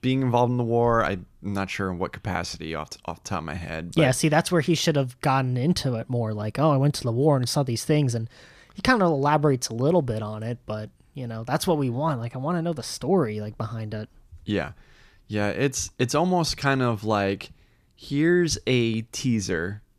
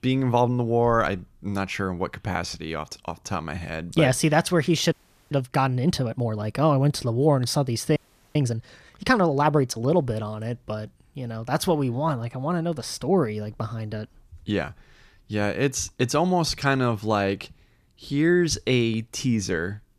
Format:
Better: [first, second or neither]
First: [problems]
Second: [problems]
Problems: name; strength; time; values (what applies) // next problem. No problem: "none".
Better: first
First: none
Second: audio freezing; at 5 s and at 8 s